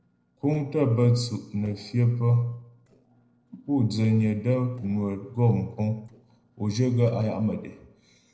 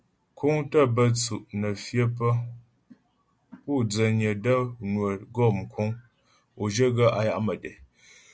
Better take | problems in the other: second | noise reduction (neural separator model SepFormer DNS4)

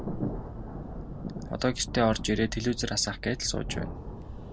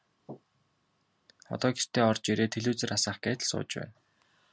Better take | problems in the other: second | background sound (Thunder); 6 dB below the speech

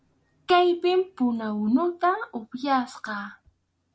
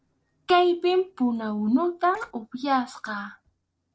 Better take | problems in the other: first | noise reduction (neural separator model SepFormer DNS4)

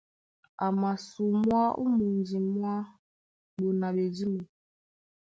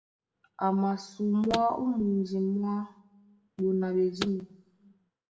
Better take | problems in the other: first | background sound (Car); 15 dB below the speech // room echo; dies away in 0.6 s

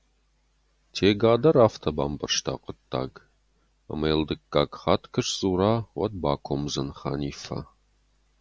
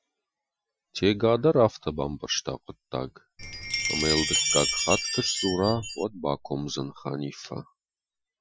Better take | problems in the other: first | noise reduction (classical method Wiener filter)

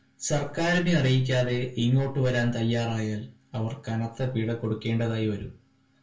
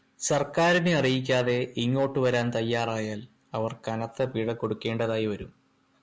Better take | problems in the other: second | room echo; dies away in 0.3 s

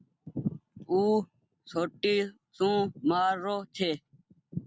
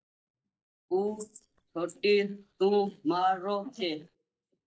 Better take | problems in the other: first | noise reduction (neural mask model DeepFilterNet 3)

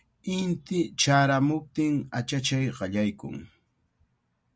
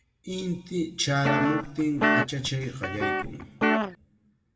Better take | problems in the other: first | background sound (Guitar); 3 dB above the speech // room echo; dies away in 1.3 s

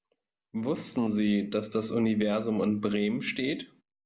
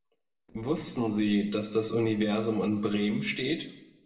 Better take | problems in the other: first | noise reduction (neural separator model SepFormer DNS4)

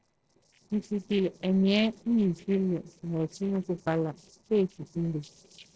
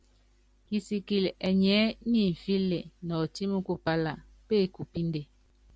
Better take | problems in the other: second | noise reduction (neural separator model SepFormer DNS4)

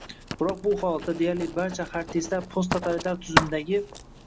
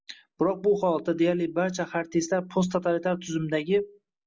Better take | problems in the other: second | background sound (Writing); 4 dB below the speech

